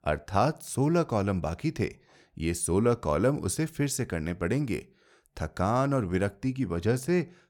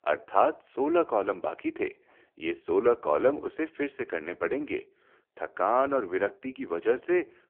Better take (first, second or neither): first